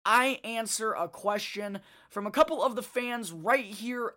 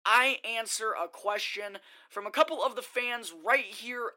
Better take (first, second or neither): first